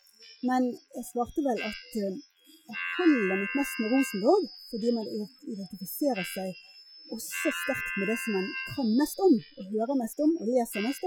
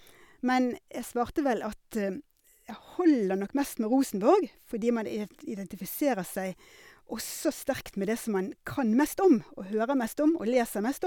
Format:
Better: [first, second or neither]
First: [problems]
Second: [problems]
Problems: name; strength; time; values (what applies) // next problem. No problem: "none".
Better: second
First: noise reduction (classical method Wiener filter)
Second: none